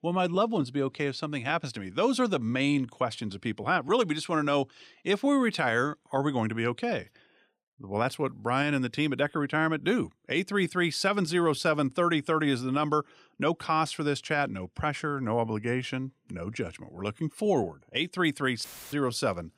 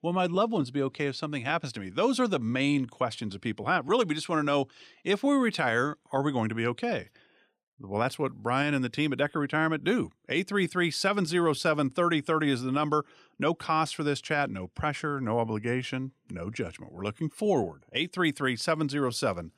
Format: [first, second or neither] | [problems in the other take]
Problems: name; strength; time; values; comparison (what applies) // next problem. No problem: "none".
second | audio cutting out; filled with static; at 19 s